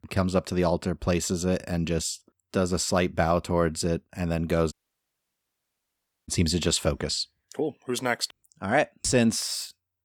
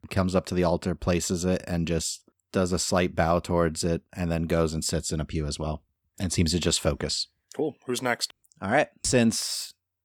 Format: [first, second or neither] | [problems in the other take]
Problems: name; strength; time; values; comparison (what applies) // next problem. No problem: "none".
second | audio cutting out; at 4.5 s for 1.5 s